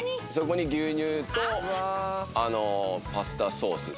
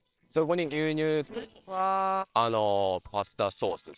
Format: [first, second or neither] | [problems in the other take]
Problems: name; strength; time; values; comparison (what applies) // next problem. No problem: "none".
first | noise reduction (neural separator model SepFormer WHAMR!)